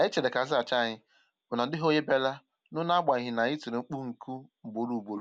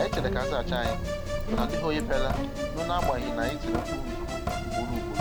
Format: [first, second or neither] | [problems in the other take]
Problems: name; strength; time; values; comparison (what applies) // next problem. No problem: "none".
first | background sound (Drip / Sink (filling or washing) + Musical instrument); 3 dB above the speech